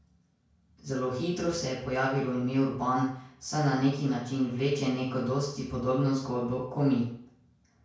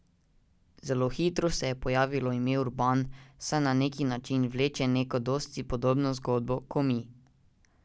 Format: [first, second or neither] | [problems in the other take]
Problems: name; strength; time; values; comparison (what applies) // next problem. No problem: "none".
second | room echo; dies away in 0.5 s